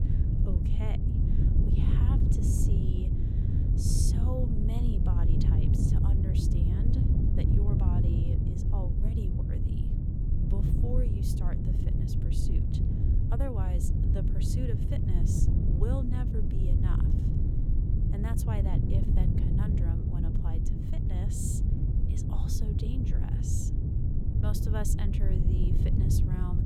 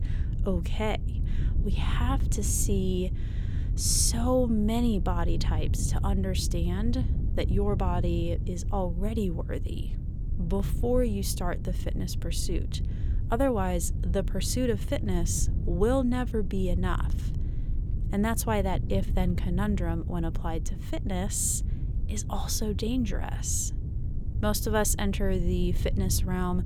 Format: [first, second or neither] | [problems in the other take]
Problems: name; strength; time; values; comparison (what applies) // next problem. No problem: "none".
second | wind noise on the microphone; heavy; 3 dB above the speech; occasional gusts in the second